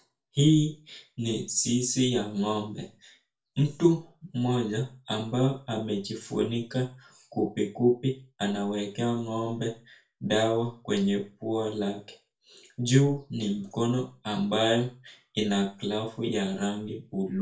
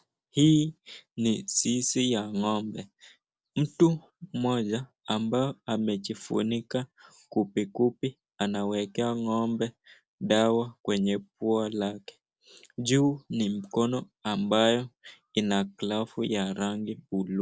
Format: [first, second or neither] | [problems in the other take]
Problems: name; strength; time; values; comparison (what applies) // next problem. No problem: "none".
second | room echo; dies away in 0.3 s